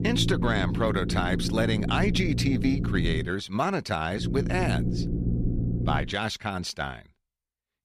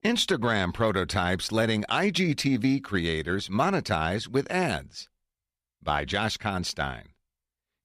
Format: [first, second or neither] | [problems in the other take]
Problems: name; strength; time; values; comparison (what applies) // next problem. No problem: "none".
second | low rumble; loud; until 3 s and from 4 to 6 s; 9 dB below the speech